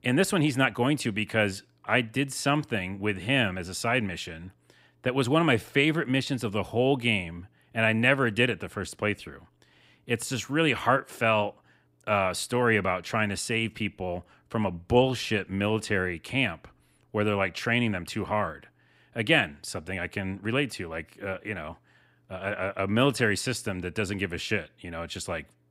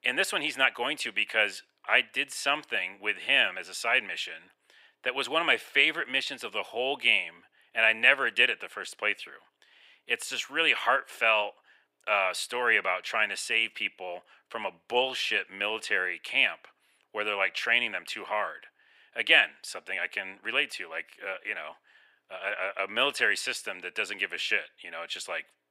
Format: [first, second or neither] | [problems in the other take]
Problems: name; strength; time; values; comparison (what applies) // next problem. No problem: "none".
first | thin; very; fading below 600 Hz